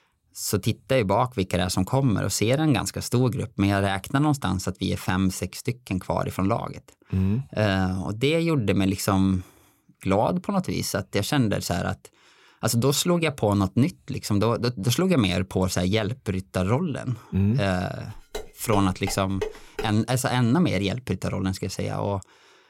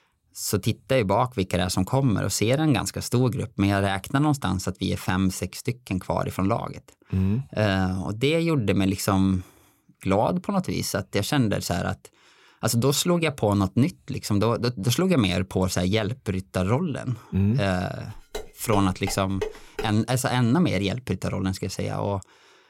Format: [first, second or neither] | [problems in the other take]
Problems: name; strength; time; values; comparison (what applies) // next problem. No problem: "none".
neither | clattering dishes; noticeable; from 18 to 20 s; peak 10 dB below the speech; the same in both